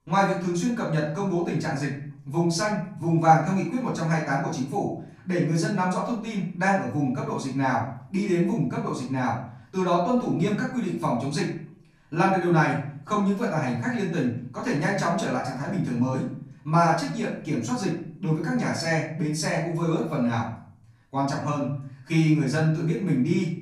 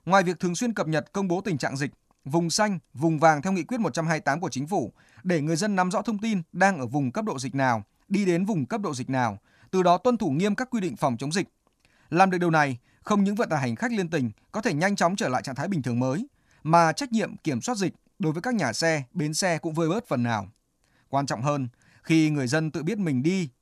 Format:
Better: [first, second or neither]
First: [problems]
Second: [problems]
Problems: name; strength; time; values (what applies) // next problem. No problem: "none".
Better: second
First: off-mic speech; far // room echo; noticeable; dies away in 0.6 s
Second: none